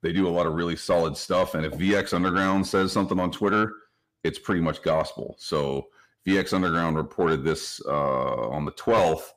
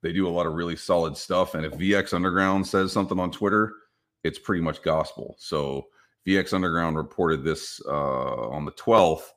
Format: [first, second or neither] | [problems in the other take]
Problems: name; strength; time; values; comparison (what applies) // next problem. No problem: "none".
second | distortion; slight; 10 dB below the speech